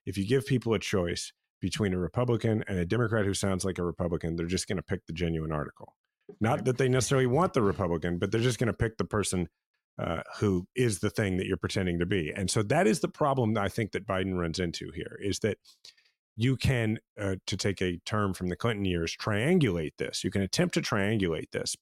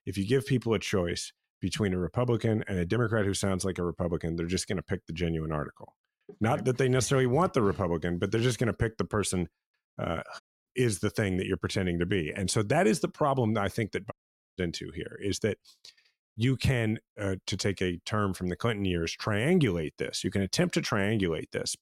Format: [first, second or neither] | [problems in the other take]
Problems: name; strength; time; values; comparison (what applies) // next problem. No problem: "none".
first | audio cutting out; at 10 s and at 14 s